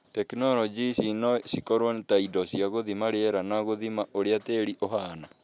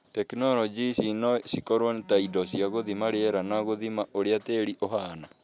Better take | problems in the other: first | background sound (Bowed string instrument); 19 dB below the speech

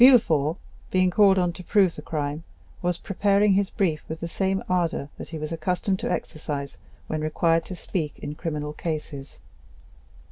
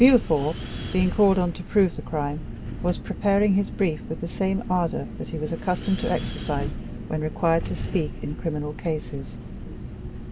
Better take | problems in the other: first | background sound (Wind); 8 dB below the speech

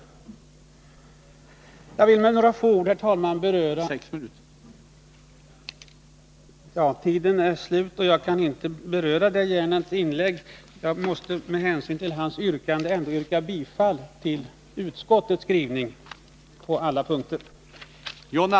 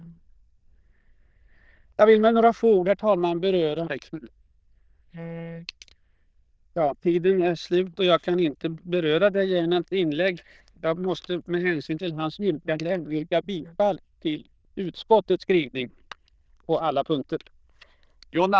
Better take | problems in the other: first | noise reduction (neural diffusion model UNIVERSE++)

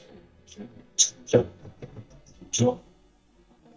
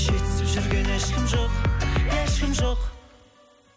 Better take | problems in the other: second | noise reduction (neural mask model DeepFilterNet 3)

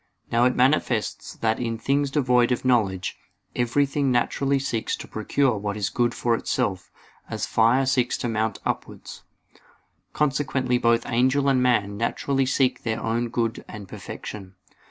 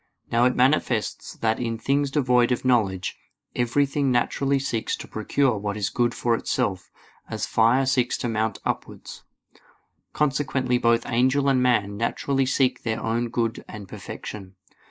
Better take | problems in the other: first | noise reduction (neural mask model Resemble Enhance denoiser)

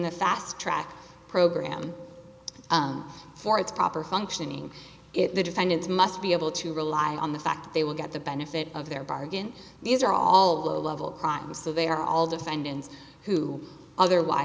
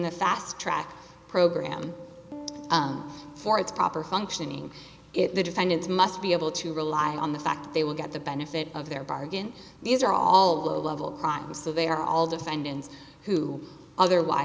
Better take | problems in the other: first | background sound (Piano); 18 dB below the speech

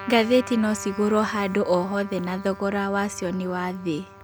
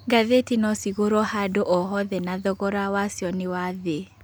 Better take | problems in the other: second | background sound (Trumpet); 16 dB below the speech

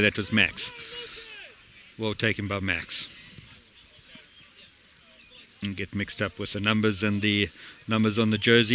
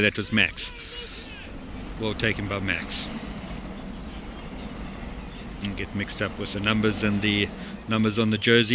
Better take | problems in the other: first | background sound (Subway, metro, underground); 10 dB below the speech

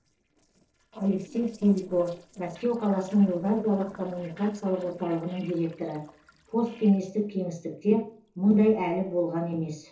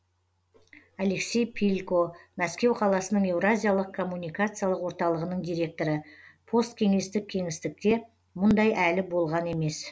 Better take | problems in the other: second | noise reduction (neural separator model SepFormer DNS4)

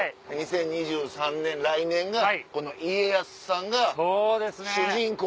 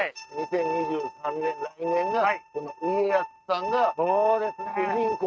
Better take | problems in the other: first | noise reduction (neural mask model RNNoise)

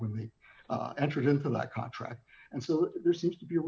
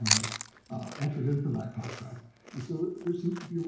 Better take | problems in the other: first | background sound (Chewing, mastication); 3 dB below the speech // room echo; dies away in 0.6 s

